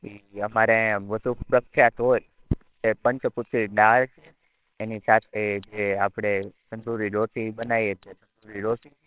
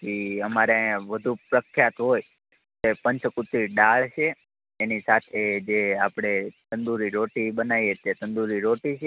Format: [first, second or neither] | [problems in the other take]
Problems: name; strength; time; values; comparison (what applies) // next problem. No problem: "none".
second | noise reduction (neural separator model SepFormer WHAMR!)